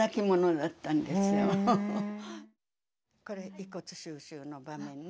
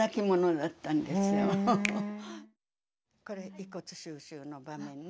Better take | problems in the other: first | background sound (Finger snapping); 13 dB below the speech

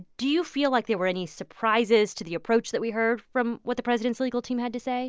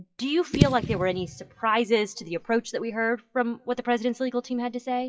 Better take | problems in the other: first | noise reduction (classical method WPE with log-MMSE)

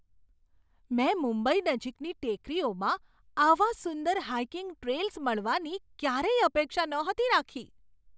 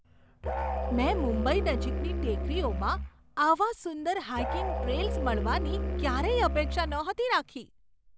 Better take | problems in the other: first | background sound (Musical instrument); as loud as the speech

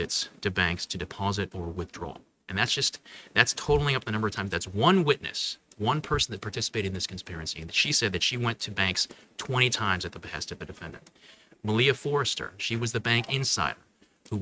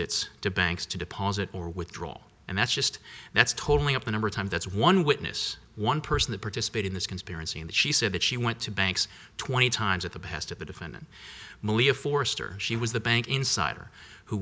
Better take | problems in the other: second | noise reduction (neural mask model RNNoise)

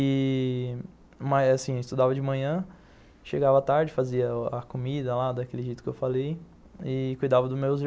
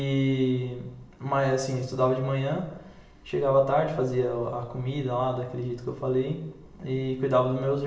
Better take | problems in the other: first | room echo; dies away in 0.8 s

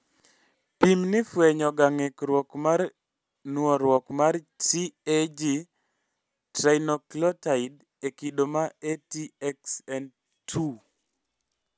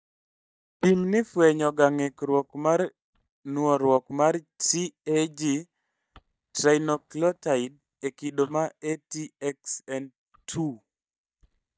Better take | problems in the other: first | noise reduction (neural mask model DeepFilterNet 3)

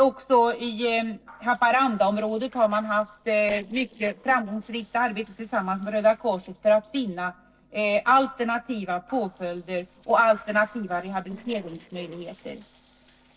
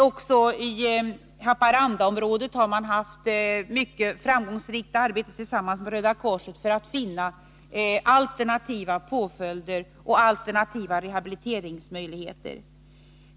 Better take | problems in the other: second | noise reduction (neural separator model SepFormer DNS4)

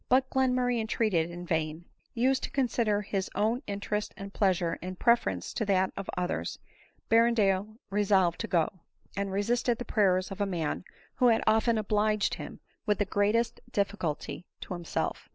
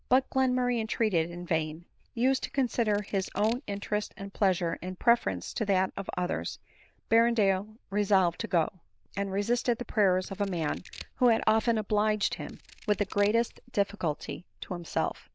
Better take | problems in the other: first | noise reduction (neural diffusion model UNIVERSE++)

